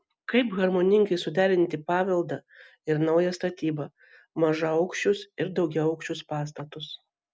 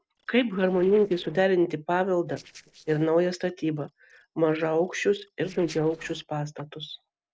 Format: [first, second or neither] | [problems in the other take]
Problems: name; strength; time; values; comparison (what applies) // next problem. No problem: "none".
first | noise reduction (neural separator model SepFormer DNS4)